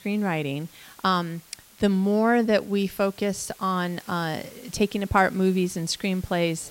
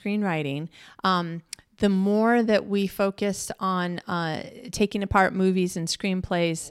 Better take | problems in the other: second | hiss; faint; throughout; 25 dB below the speech

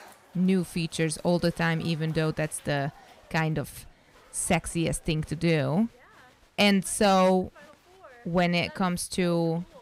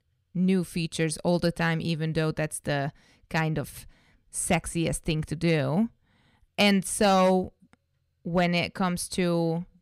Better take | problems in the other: second | crowd noise; faint; throughout; 25 dB below the speech

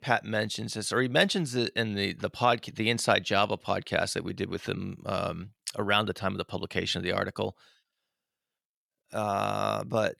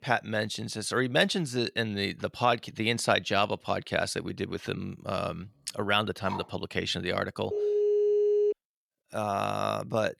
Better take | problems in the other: first | dog barking; faint; at 6.5 s; peak 10 dB below the speech // phone ringing; loud; from 7.5 to 8.5 s; peak 5 dB above the speech

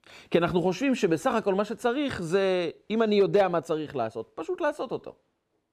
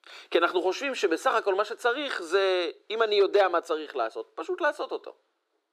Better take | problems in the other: first | thin; very; fading below 350 Hz

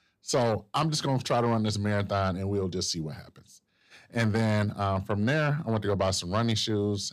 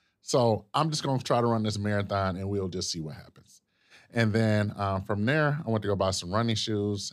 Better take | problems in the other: second | distortion; slight; 10 dB below the speech

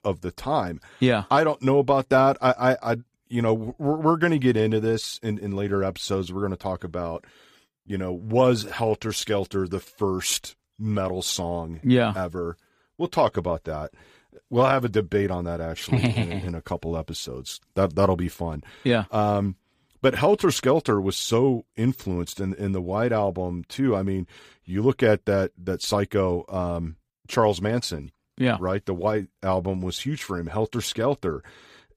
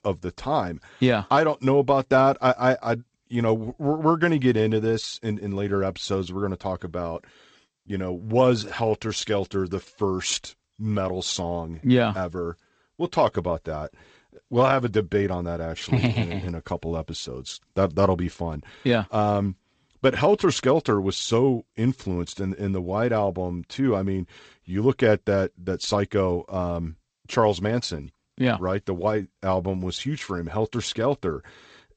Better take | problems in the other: first | garbled, watery; slightly; nothing above 8 kHz

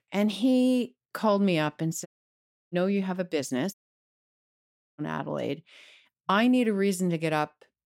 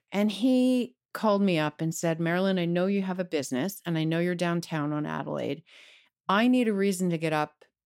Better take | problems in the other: second | audio cutting out; at 2 s for 0.5 s and at 3.5 s for 1 s

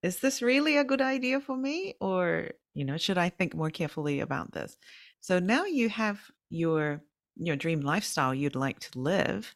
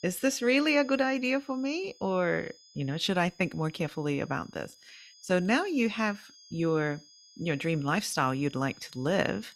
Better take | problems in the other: first | high-pitched whine; faint; throughout; 5 kHz, 25 dB below the speech

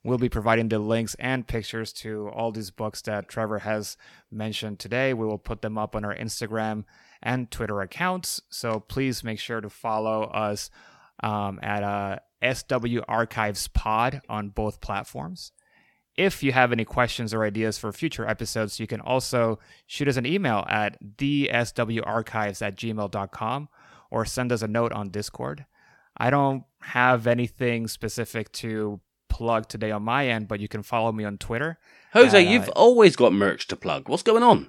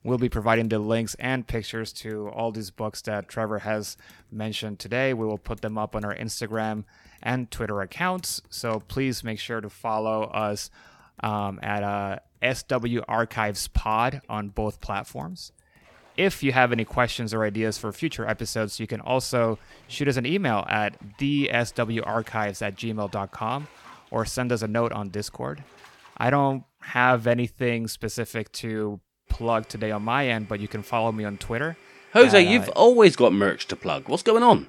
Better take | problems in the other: first | household noises; faint; throughout; 30 dB below the speech

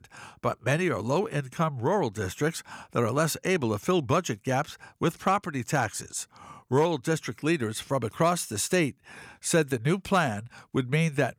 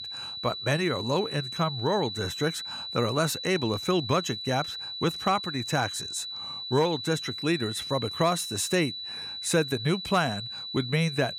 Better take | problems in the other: first | high-pitched whine; loud; throughout; 4 kHz, 6 dB below the speech

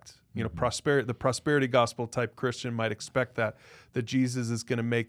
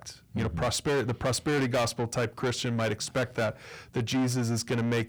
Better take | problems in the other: first | distortion; heavy; 6 dB below the speech

